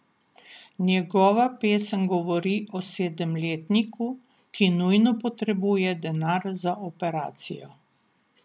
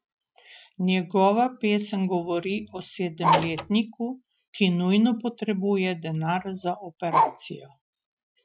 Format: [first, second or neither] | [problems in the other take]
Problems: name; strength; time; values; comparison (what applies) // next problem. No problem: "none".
first | noise reduction (classical method Wiener filter)